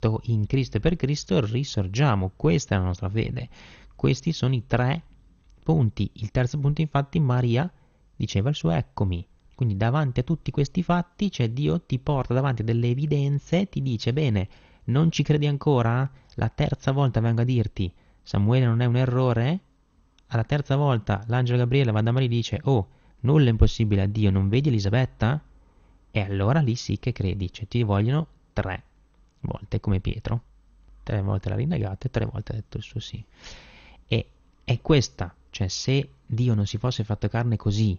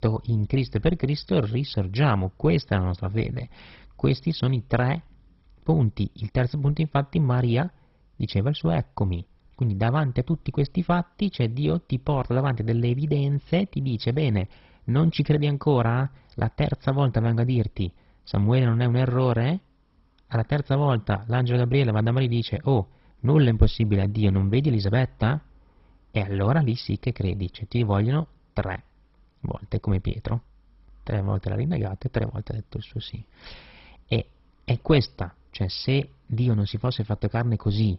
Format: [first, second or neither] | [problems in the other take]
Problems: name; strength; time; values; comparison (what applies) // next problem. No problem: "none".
first | garbled, watery; badly; nothing above 5.5 kHz; slightly in the first